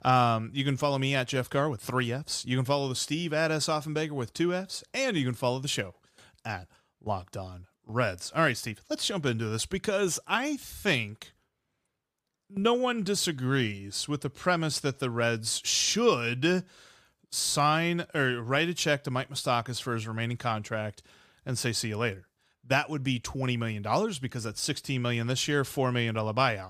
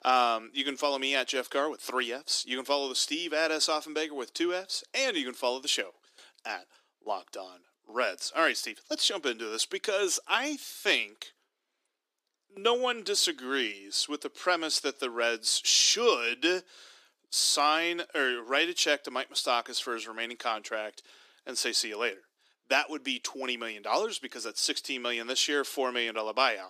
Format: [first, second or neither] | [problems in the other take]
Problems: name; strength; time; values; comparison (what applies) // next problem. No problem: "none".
first | thin; somewhat; fading below 300 Hz